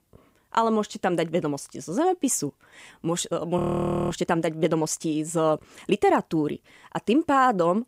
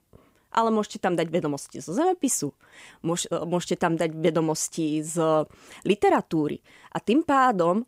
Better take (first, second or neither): second